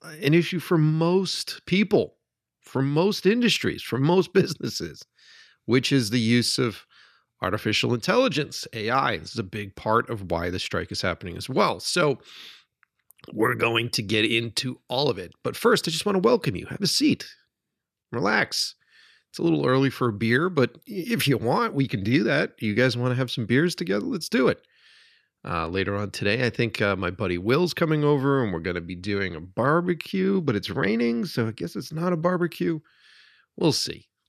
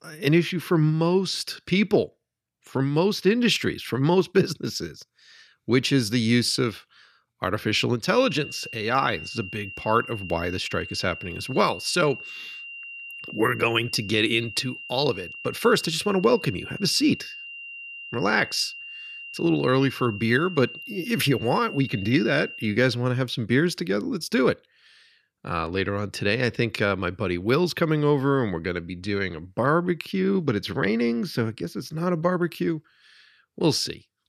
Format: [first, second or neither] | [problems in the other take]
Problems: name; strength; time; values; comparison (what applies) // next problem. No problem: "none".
first | high-pitched whine; noticeable; from 8 to 23 s; 3 kHz, 10 dB below the speech